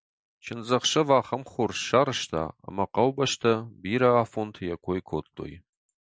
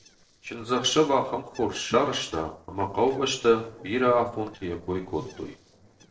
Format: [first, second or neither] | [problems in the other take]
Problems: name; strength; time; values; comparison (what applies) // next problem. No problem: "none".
first | noise reduction (neural separator model SepFormer DNS4)